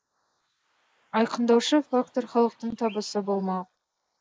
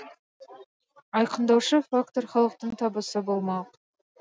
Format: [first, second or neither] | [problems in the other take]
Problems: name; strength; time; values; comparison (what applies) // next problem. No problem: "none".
second | noise reduction (neural mask model Resemble Enhance denoiser)